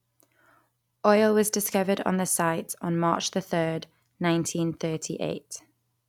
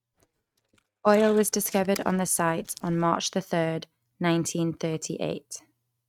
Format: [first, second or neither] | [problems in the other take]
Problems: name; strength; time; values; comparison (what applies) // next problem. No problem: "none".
first | noise reduction (neural mask model RNNoise)